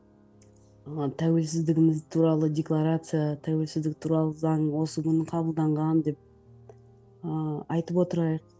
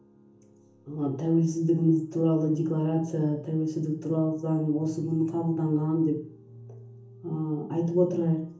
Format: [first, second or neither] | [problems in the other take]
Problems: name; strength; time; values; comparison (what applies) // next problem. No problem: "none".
first | room echo; dies away in 0.7 s